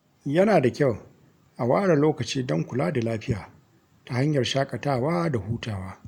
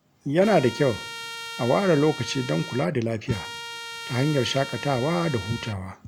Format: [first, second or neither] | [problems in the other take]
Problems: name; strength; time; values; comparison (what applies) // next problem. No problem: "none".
first | background sound (Trumpet); 12 dB below the speech